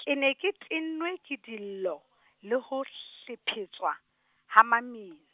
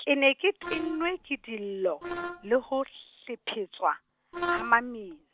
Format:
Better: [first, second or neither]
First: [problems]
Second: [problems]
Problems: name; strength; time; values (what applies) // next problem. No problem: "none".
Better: first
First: none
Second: noise reduction (neural separator model SepFormer DNS4)